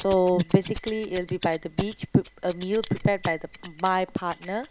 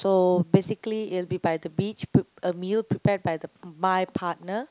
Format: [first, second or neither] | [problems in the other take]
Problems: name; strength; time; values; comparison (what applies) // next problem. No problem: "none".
second | noise reduction (neural mask model Resemble Enhance denoiser)